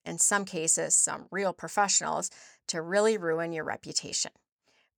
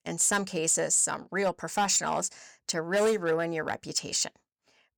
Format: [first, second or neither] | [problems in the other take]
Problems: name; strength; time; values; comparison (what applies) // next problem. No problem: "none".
first | distortion; slight; 6% of the sound clipped